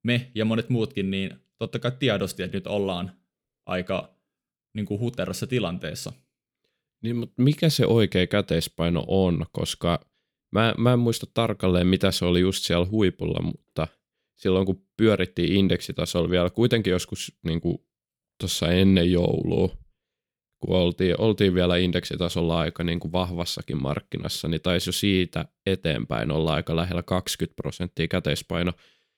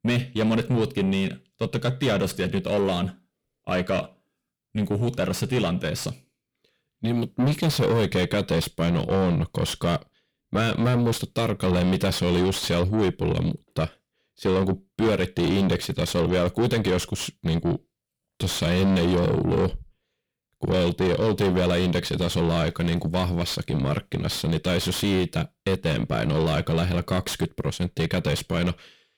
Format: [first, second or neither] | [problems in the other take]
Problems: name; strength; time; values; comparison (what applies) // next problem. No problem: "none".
first | distortion; heavy; 6 dB below the speech